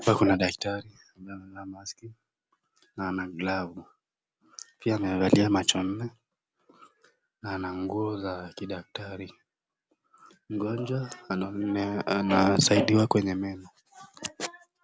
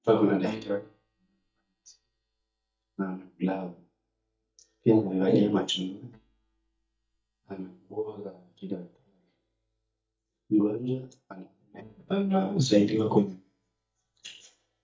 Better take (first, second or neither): first